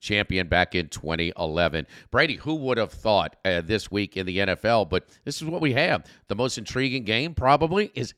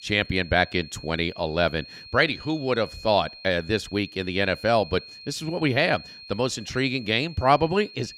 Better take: first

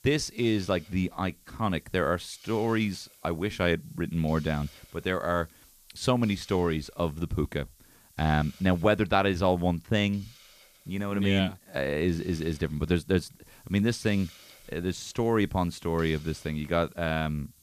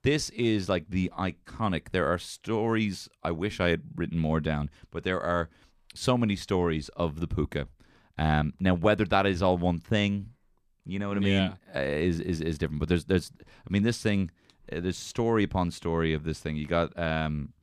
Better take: second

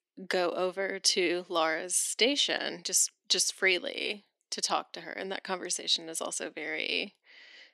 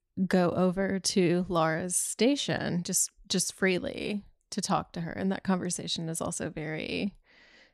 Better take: second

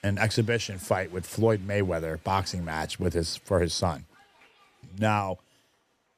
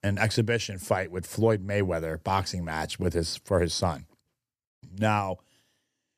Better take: second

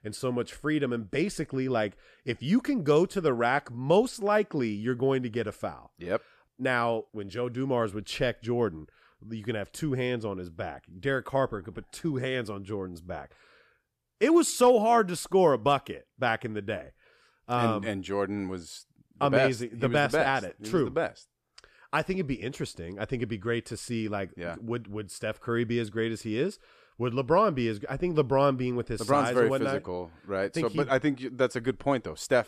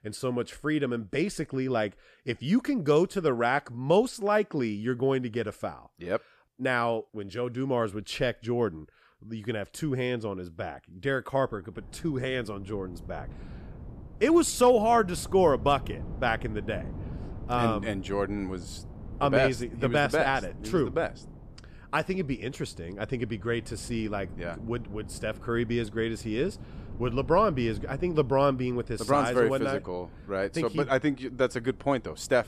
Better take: first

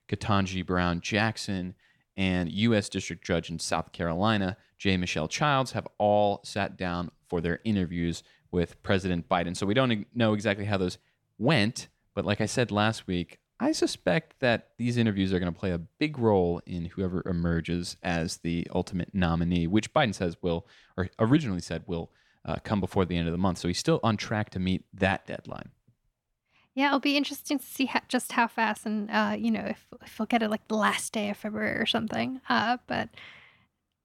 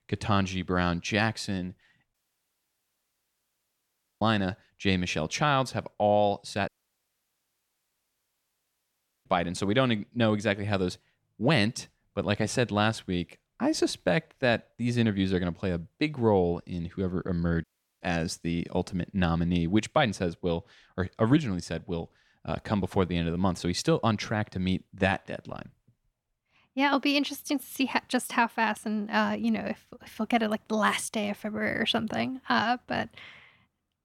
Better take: first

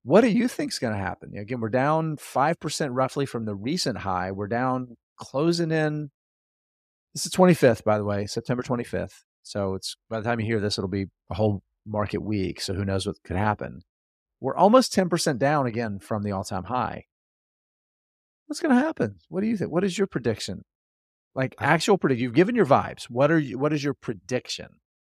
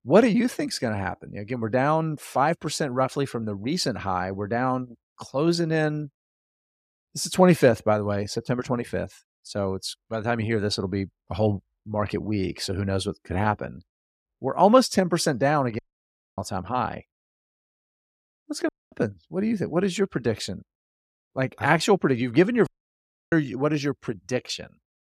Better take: first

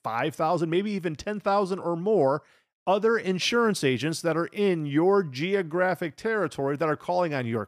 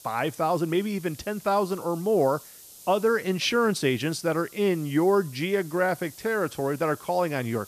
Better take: first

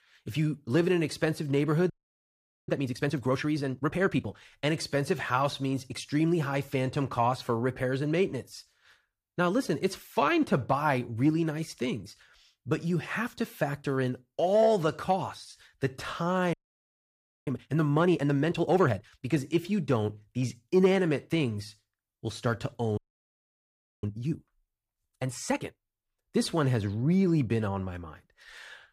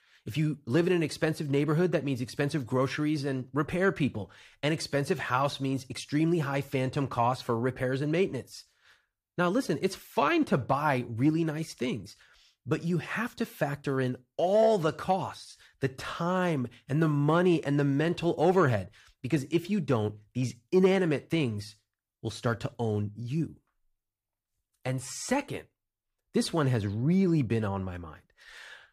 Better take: second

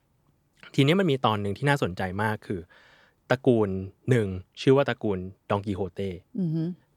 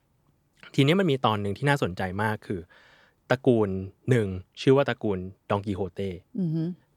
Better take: neither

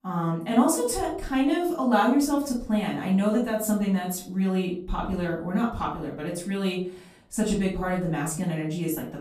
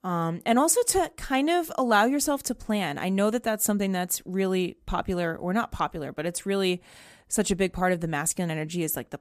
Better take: second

